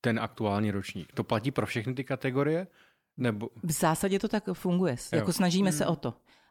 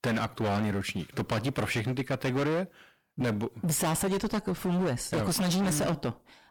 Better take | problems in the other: first | distortion; heavy; 23% of the sound clipped

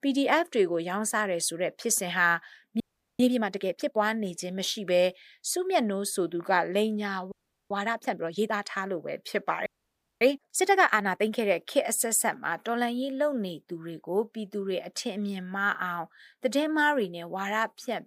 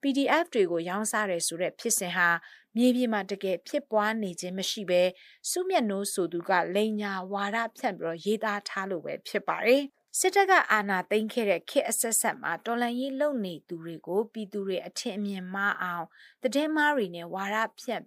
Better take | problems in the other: second | audio freezing; at 3 s, at 7.5 s and at 9.5 s for 0.5 s

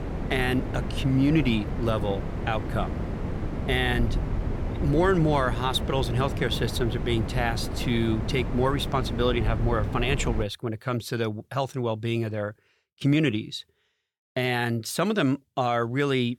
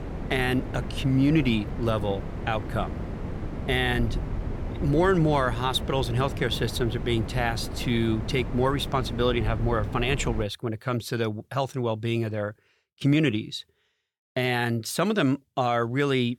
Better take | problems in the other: second | wind noise on the microphone; heavy; until 10 s; 10 dB below the speech; occasional gusts in the second

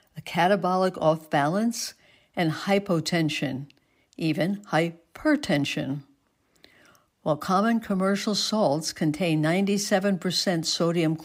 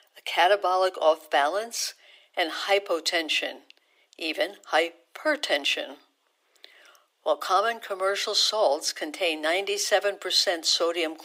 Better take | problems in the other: first | thin; very; fading below 400 Hz

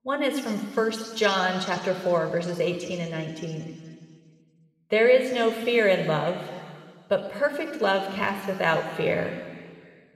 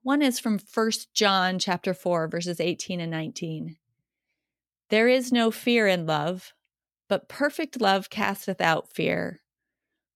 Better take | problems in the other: second | room echo; noticeable; dies away in 2.2 s

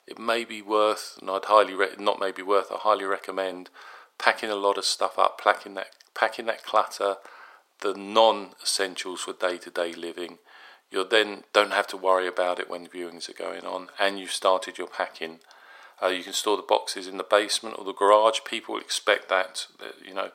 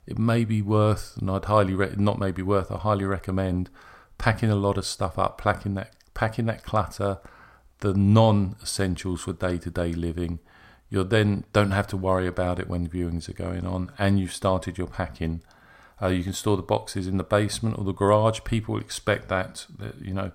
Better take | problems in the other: second | thin; very; fading below 400 Hz

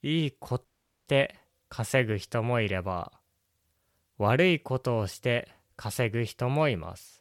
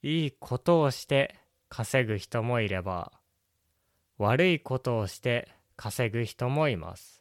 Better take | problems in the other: second | audio cutting out; at 0.5 s

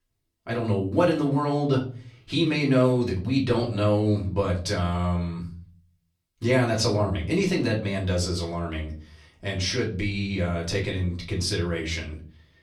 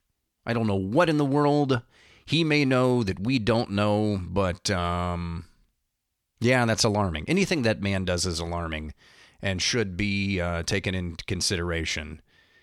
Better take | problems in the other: second | off-mic speech; far // room echo; very slight; dies away in 0.4 s

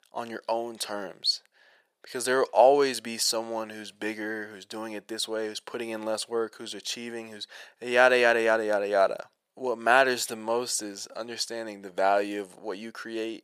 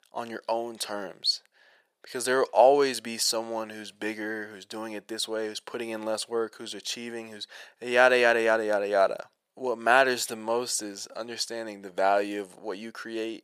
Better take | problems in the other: neither | thin; very; fading below 650 Hz; the same in both

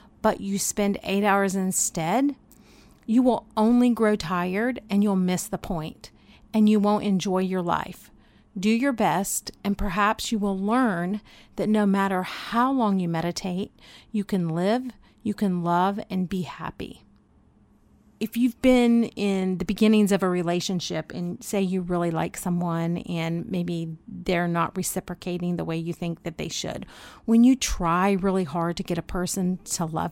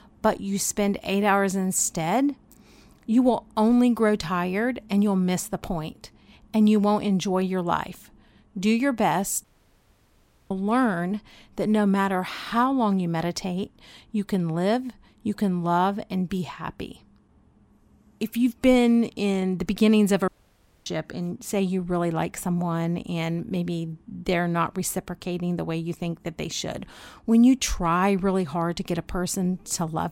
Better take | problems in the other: first | audio cutting out; at 9.5 s for 1 s and at 20 s for 0.5 s

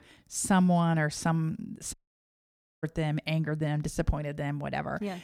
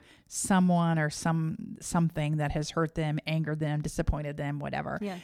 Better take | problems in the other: second | audio cutting out; at 2 s for 1 s

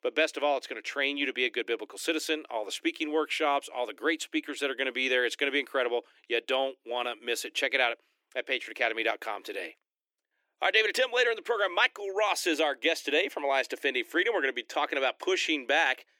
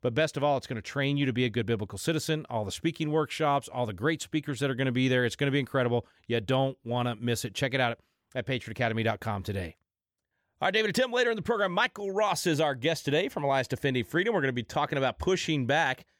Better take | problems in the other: second | thin; somewhat; fading below 300 Hz

